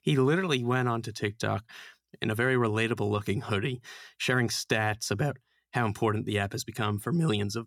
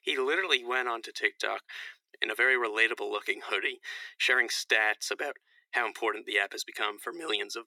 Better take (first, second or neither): first